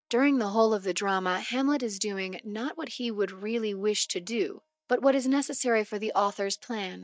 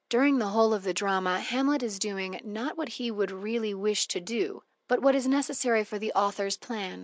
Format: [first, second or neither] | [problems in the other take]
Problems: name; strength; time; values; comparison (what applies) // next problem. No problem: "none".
second | noise reduction (neural mask model DeepFilterNet 3)